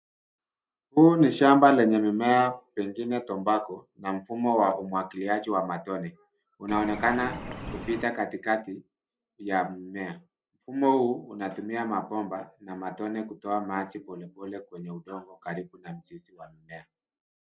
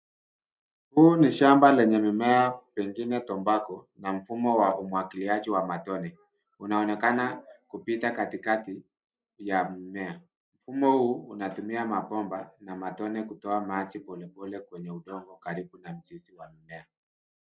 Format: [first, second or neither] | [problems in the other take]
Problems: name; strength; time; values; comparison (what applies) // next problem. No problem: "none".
second | background sound (Bird); 10 dB below the speech